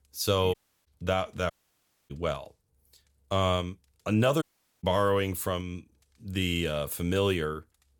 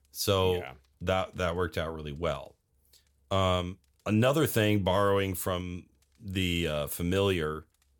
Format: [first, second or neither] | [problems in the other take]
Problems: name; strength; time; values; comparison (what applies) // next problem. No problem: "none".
second | audio cutting out; at 0.5 s, at 1.5 s for 0.5 s and at 4.5 s